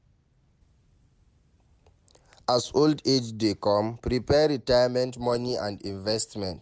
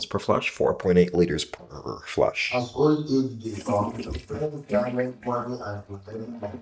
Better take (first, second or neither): first